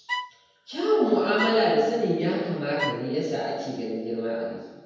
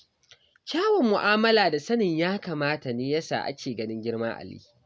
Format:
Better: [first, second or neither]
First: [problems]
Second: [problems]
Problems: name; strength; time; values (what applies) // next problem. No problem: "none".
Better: second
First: background sound (Bowed string instrument); 10 dB below the speech // room echo; dies away in 1.2 s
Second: none